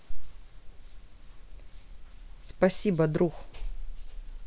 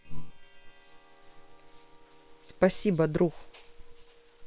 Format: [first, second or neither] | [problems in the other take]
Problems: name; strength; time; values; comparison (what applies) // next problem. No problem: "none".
first | noise reduction (neural separator model SepFormer WHAM!)